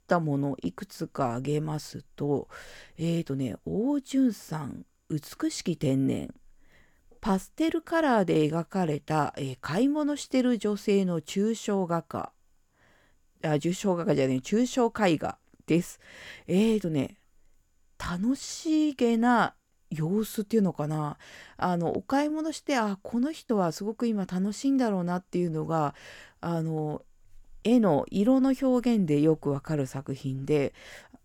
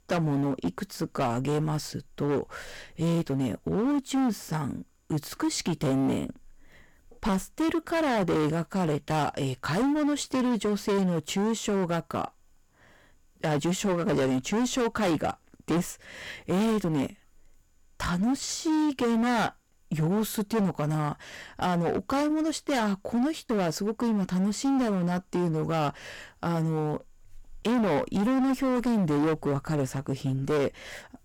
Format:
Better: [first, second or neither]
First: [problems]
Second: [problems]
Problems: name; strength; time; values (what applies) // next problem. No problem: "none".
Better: first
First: none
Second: distortion; heavy; 19% of the sound clipped